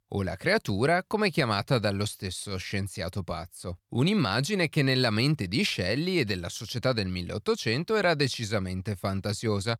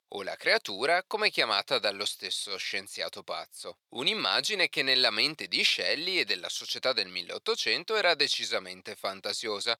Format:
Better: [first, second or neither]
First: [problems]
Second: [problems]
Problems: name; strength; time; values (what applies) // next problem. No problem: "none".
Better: first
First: none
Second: thin; very; fading below 550 Hz